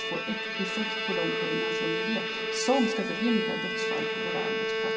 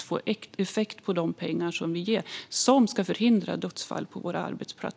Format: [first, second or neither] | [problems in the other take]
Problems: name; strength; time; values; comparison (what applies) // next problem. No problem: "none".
second | background sound (Bowed string instrument); 2 dB above the speech // room echo; dies away in 1.9 s